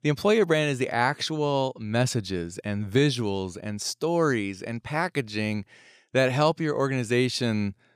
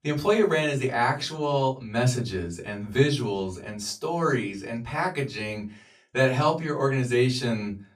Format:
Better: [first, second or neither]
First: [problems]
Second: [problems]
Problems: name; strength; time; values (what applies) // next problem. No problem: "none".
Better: first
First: none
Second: off-mic speech; far // room echo; very slight; dies away in 0.2 s